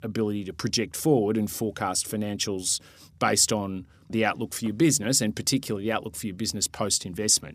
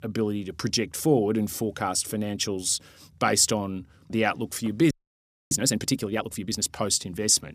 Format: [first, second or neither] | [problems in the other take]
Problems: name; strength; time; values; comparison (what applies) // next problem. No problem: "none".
first | audio freezing; at 5 s for 0.5 s